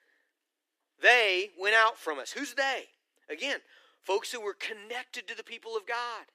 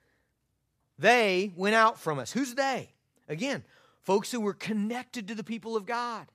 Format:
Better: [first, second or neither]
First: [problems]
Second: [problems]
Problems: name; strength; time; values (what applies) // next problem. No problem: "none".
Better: second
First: thin; very; fading below 300 Hz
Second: none